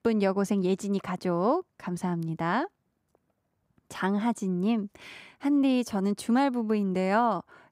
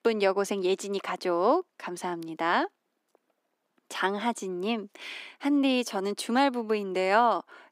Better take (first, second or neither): first